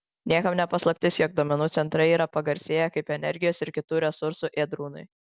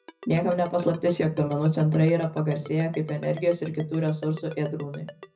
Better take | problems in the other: first | background sound (Ringtone); 20 dB below the speech // room echo; dies away in 0.4 s

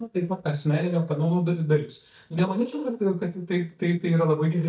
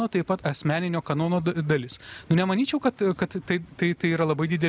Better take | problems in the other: second | noise reduction (neural mask model DeepFilterNet 3)

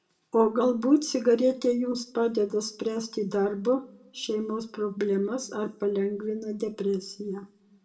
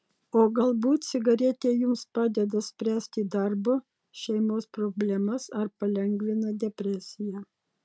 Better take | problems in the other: second | room echo; dies away in 0.3 s

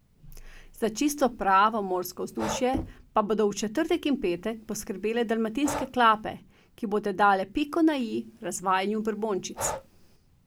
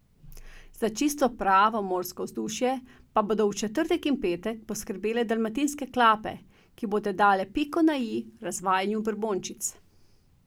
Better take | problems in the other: second | background sound (Breathing + Knock); 14 dB below the speech

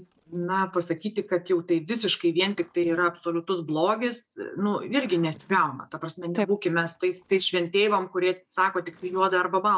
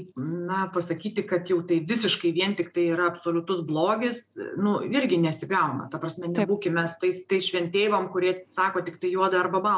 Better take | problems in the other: second | noise reduction (neural mask model DeepFilterNet 3)

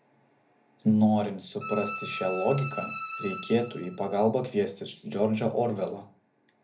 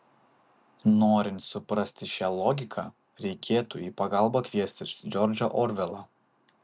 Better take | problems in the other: second | background sound (Bowed string instrument); 9 dB below the speech // room echo; dies away in 0.3 s

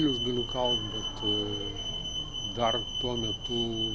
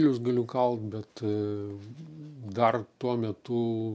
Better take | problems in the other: second | background sound (Alarm); as loud as the speech

